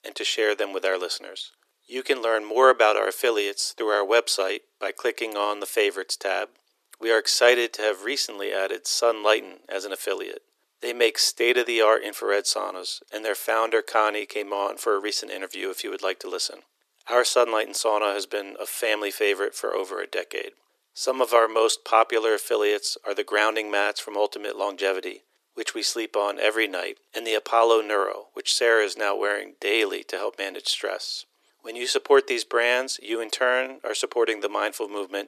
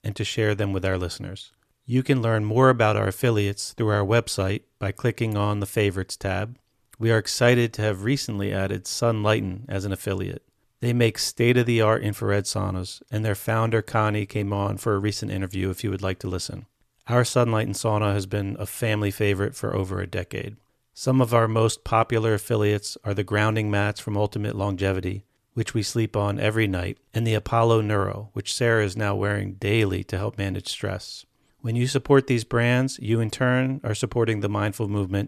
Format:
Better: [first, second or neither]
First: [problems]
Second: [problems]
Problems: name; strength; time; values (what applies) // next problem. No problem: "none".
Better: second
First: thin; very; fading below 400 Hz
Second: none